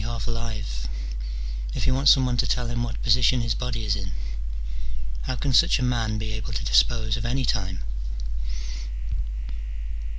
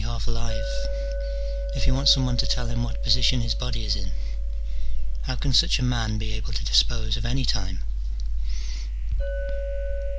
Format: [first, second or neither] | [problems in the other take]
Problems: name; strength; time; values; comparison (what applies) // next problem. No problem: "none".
first | background sound (Chink, clink); 19 dB below the speech